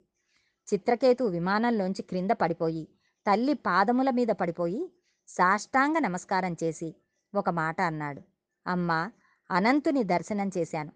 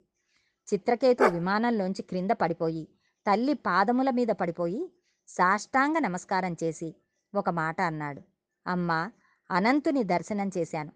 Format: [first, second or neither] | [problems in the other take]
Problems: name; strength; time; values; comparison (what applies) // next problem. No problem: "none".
first | dog barking; loud; at 1 s; peak 1 dB above the speech